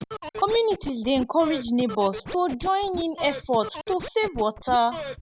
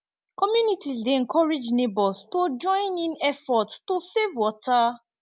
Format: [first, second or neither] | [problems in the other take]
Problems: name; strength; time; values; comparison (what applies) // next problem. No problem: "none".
second | background sound (Scratching (performance technique)); 11 dB below the speech